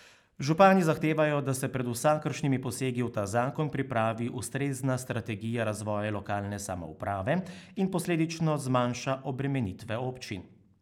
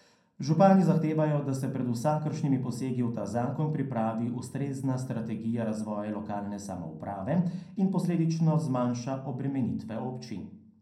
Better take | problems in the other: first | room echo; dies away in 0.5 s

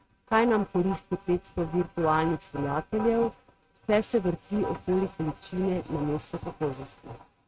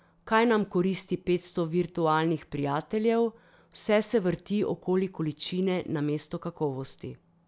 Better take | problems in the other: second | noise reduction (neural mask model RNNoise)

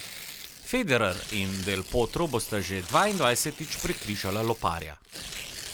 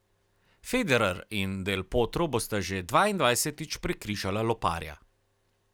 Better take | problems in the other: second | background sound (Tearing); 11 dB below the speech

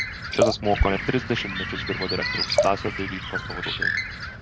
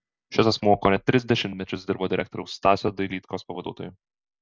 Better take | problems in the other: second | background sound (Liquid + Bird); 1 dB above the speech

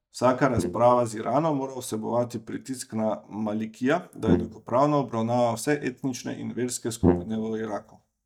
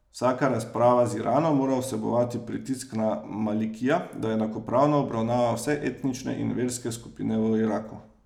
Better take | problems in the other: second | noise reduction (neural mask model DeepFilterNet 3)

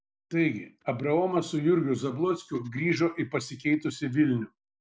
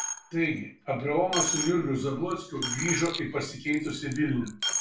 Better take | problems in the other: first | background sound (Coin (dropping)); 6 dB below the speech // room echo; dies away in 0.3 s

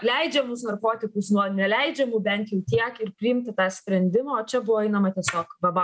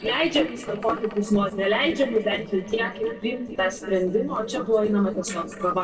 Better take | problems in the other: first | noise reduction (neural separator model SepFormer DNS4)

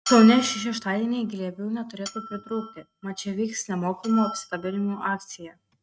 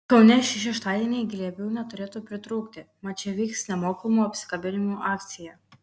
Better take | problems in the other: second | noise reduction (neural mask model RNNoise)

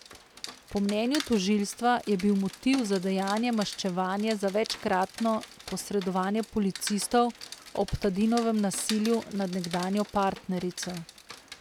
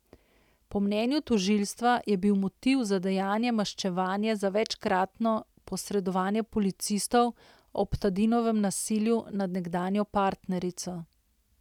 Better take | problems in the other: second | background sound (Rain); 15 dB below the speech

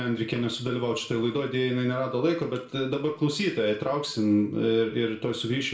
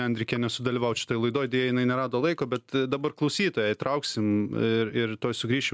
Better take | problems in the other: second | room echo; dies away in 0.4 s

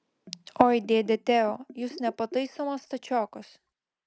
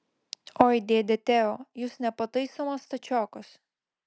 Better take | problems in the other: second | background sound (Bathtub (filling or washing)); 20 dB below the speech

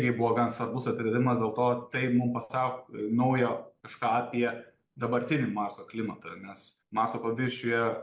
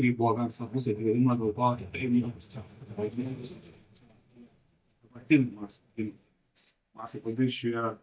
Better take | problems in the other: first | noise reduction (neural mask model DeepFilterNet 3)

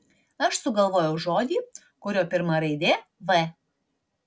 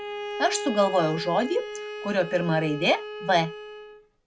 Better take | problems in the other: first | background sound (Bowed string instrument); 9 dB below the speech

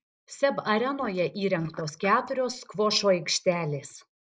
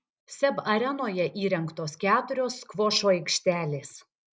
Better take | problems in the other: second | noise reduction (neural mask model Resemble Enhance denoiser)

